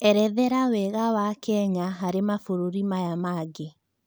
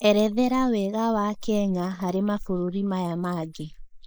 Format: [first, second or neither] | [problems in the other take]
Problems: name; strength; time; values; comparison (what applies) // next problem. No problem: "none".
first | noise reduction (neural mask model Resemble Enhance denoiser)